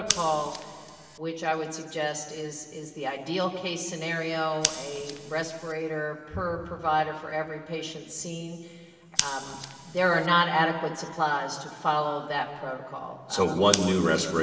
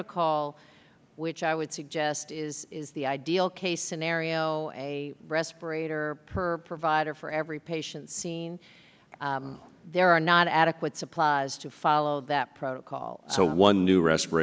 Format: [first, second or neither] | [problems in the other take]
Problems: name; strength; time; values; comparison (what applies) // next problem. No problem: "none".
second | background sound (Scissors); 10 dB below the speech // room echo; dies away in 2 s